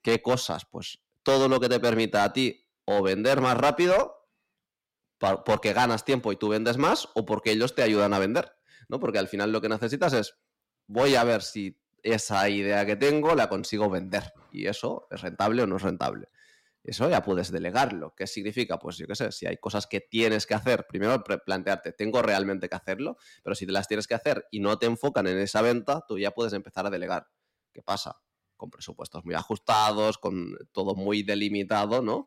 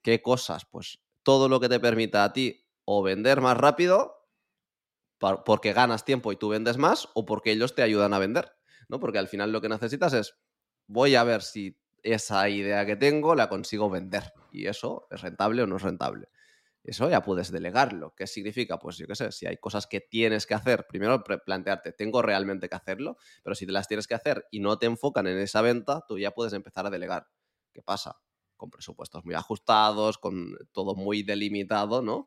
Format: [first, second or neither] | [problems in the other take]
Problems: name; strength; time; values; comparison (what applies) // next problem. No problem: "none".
second | distortion; slight; 4% of the sound clipped